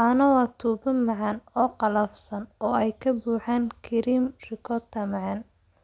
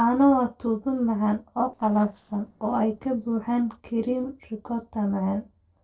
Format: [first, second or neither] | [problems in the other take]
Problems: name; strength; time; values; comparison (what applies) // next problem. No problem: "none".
first | noise reduction (neural separator model SepFormer DNS4)